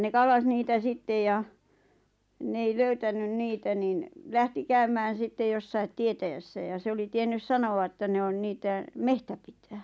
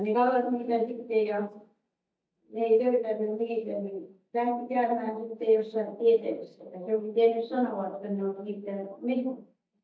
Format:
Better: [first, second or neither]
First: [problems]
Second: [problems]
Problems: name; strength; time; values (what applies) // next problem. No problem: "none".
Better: first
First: none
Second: noise reduction (neural mask model DeepFilterNet 3)